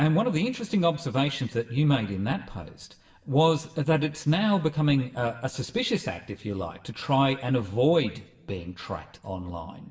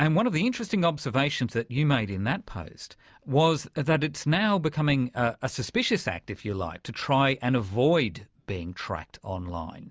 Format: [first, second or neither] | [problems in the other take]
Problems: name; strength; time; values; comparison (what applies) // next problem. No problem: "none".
second | room echo; dies away in 0.7 s